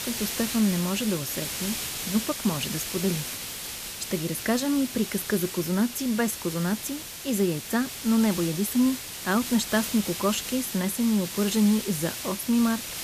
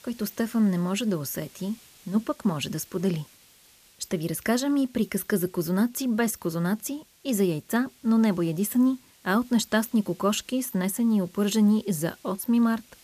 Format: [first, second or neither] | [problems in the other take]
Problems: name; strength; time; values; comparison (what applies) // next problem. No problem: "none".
second | hiss; loud; throughout; 6 dB below the speech; faint in the second